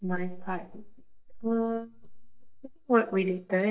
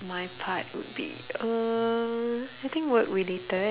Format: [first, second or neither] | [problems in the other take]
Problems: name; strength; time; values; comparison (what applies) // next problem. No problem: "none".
second | noise reduction (neural mask model DeepFilterNet 3)